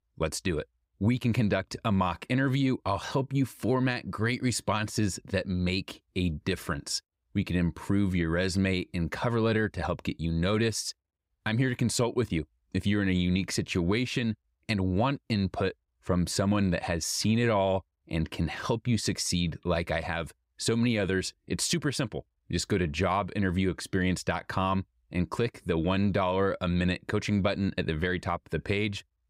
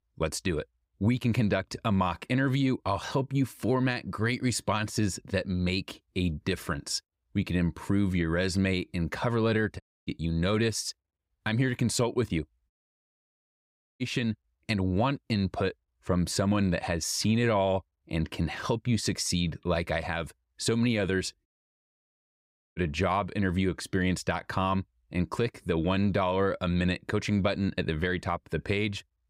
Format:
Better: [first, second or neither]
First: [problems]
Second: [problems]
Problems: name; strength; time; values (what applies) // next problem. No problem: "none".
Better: first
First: none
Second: audio cutting out; at 10 s, at 13 s for 1.5 s and at 21 s for 1.5 s